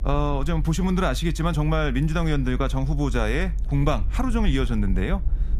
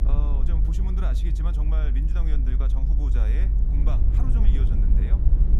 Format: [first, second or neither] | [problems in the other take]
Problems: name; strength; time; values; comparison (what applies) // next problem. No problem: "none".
first | low rumble; loud; throughout; 1 dB below the speech; faint in the first